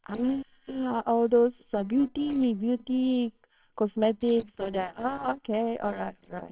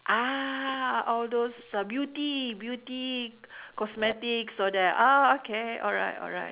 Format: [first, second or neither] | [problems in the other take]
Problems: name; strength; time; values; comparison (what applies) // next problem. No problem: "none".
second | noise reduction (neural separator model SepFormer WHAMR!)